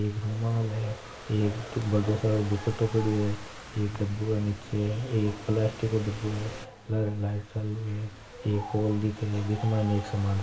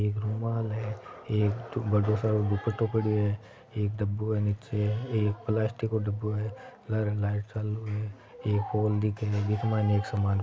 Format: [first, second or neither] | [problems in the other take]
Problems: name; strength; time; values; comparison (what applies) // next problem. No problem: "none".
second | background sound (Rain / Thunderstorm); 16 dB below the speech // room echo; dies away in 0.6 s